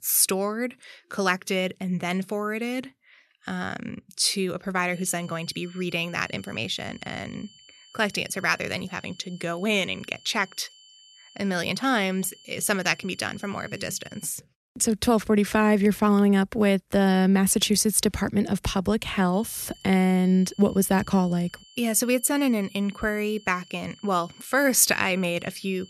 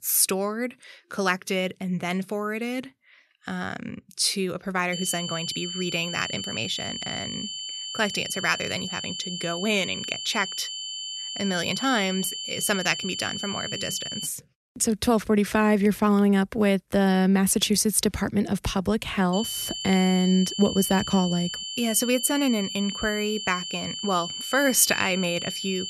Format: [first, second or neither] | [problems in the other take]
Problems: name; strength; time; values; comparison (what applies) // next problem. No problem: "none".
first | high-pitched whine; loud; from 5 to 14 s and from 19 s on; 3 kHz, 6 dB below the speech; faint in the first